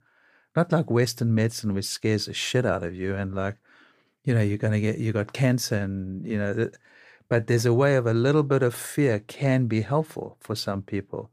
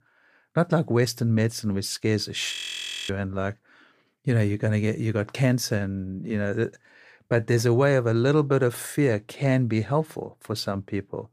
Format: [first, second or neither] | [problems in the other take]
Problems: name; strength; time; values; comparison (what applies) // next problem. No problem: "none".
first | audio freezing; at 2.5 s for 0.5 s